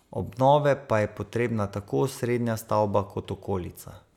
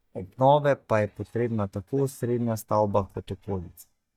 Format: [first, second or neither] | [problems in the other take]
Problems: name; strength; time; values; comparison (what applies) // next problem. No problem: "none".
first | noise reduction (neural mask model DeepFilterNet 3)